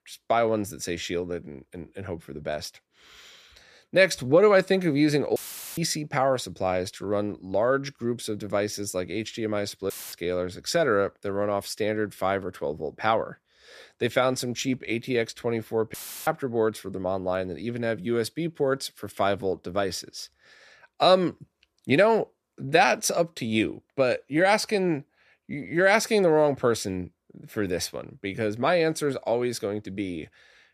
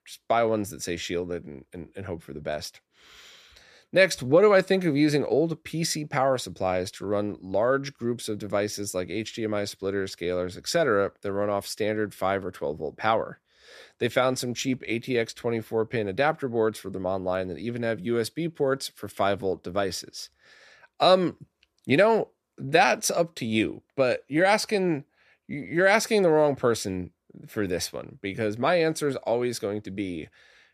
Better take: second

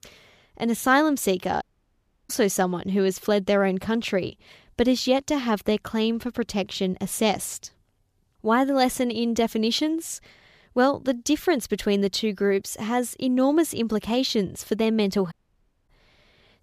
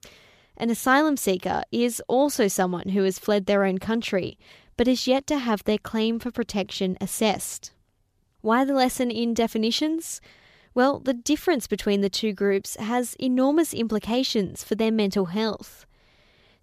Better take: second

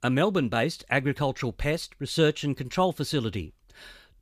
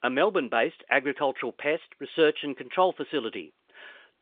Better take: first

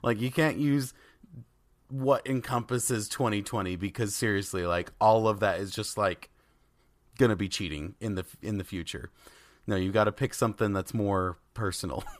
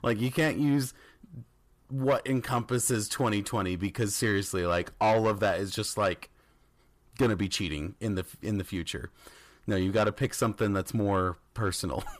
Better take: first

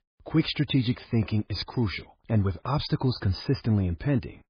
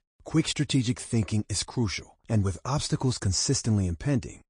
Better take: second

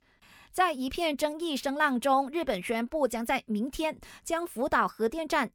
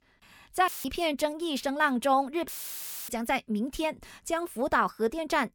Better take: first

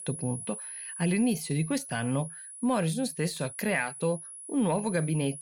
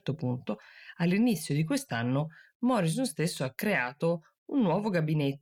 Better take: second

